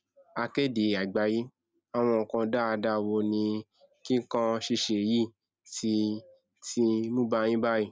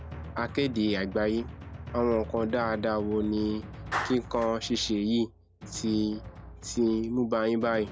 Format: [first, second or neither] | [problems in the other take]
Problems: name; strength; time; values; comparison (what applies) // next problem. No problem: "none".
first | background sound (Clapping + Drum); 12 dB below the speech